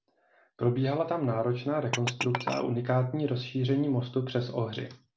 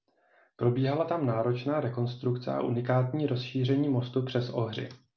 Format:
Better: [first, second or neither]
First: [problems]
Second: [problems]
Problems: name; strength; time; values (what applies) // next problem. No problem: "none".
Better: second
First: background sound (Glass); 10 dB below the speech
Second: none